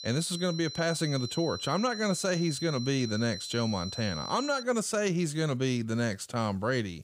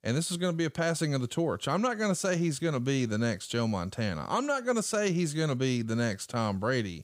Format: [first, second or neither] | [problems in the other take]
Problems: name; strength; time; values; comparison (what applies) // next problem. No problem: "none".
second | high-pitched whine; loud; until 4.5 s; 4 kHz, 8 dB below the speech